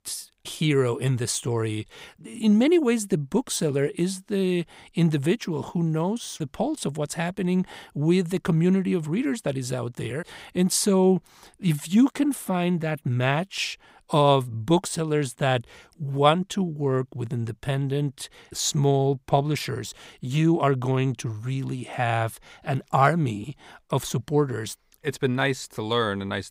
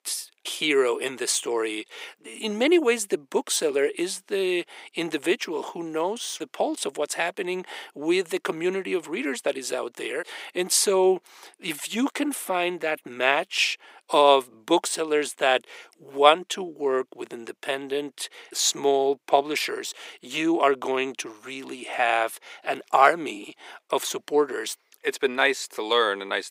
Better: first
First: none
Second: thin; very; fading below 350 Hz

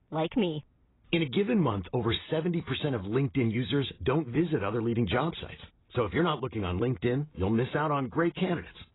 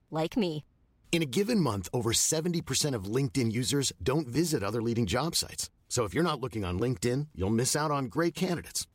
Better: second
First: garbled, watery; badly; nothing above 4 kHz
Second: none

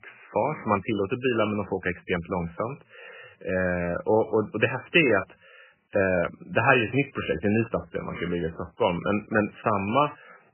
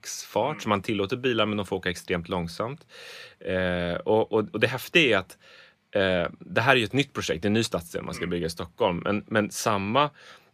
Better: second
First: garbled, watery; badly; nothing above 3 kHz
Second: none

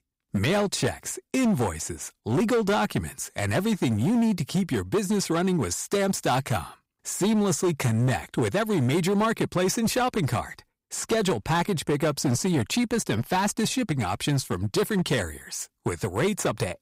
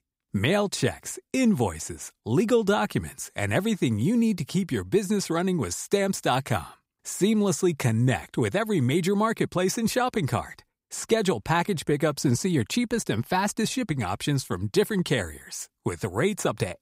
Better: second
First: distortion; slight; 12% of the sound clipped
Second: none

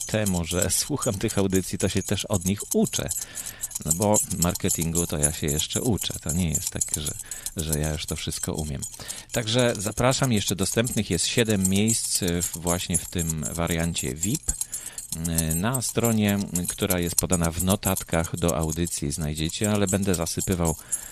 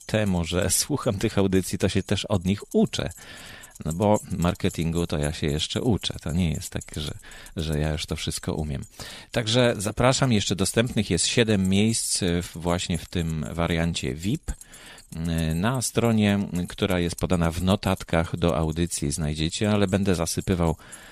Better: second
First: household noises; loud; throughout; 3 dB below the speech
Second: household noises; faint; throughout; 20 dB below the speech

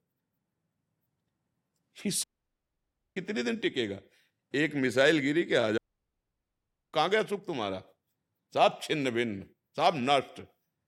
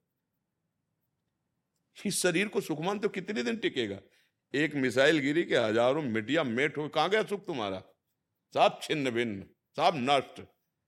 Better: second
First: audio cutting out; at 2 s for 1 s and at 6 s for 1 s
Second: none

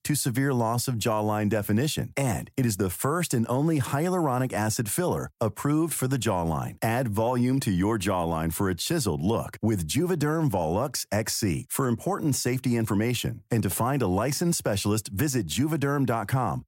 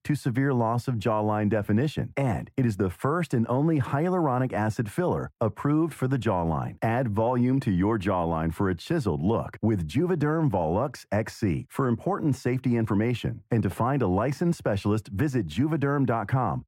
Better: first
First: none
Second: muffled; very; fading above 3.5 kHz

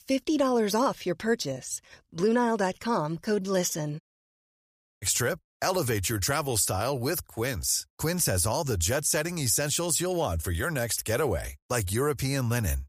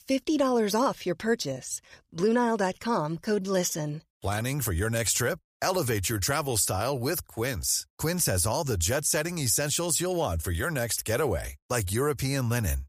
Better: second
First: audio cutting out; at 4 s for 1 s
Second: none

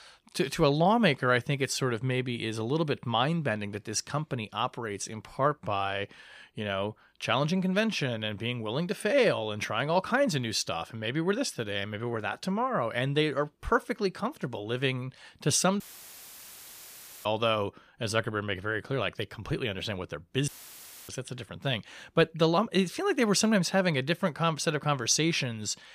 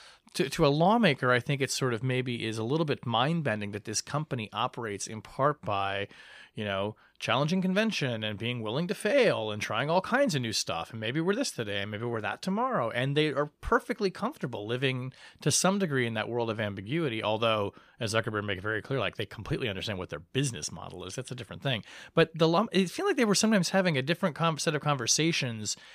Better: second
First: audio cutting out; filled with static; at 16 s for 1.5 s and at 20 s for 0.5 s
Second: none

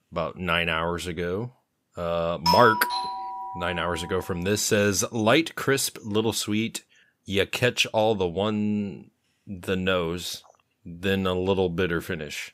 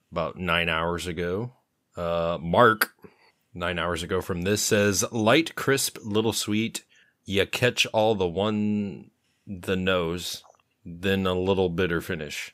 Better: second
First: doorbell; loud; from 2.5 to 4 s; peak 2 dB above the speech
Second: none

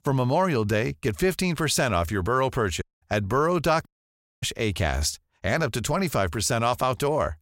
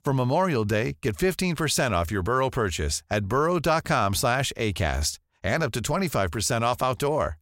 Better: second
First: audio cutting out; at 3 s and at 4 s for 0.5 s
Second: none

